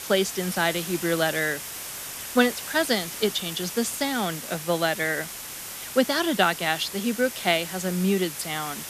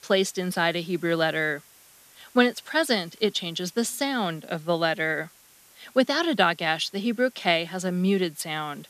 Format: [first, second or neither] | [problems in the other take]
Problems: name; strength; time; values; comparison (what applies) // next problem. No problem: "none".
second | hiss; loud; throughout; 8 dB below the speech; faint in the second